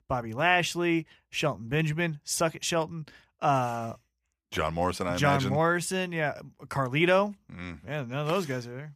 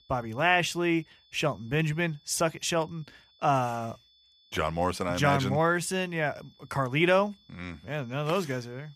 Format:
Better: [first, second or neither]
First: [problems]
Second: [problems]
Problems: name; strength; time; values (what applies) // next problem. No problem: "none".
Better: first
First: none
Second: high-pitched whine; faint; throughout; 3.5 kHz, 30 dB below the speech